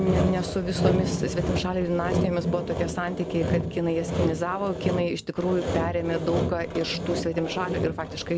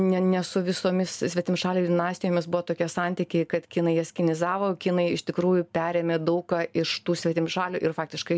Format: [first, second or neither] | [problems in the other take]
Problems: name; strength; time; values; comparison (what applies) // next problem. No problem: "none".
second | background sound (Sawing); 1 dB below the speech